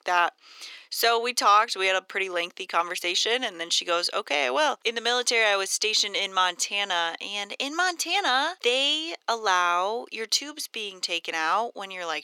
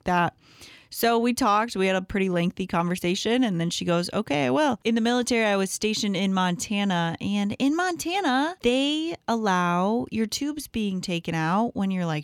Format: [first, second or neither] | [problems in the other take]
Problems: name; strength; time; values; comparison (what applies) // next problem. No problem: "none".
second | thin; very; fading below 400 Hz